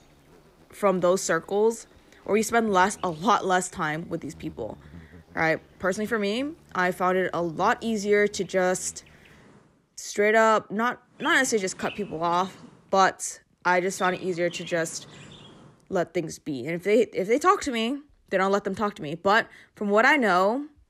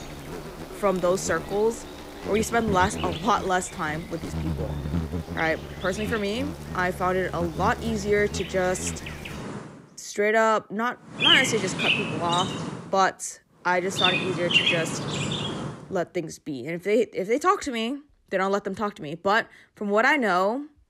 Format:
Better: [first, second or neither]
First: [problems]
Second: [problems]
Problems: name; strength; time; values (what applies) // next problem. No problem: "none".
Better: first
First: animal sounds; faint; until 16 s; 20 dB below the speech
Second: animal sounds; loud; until 16 s; 2 dB below the speech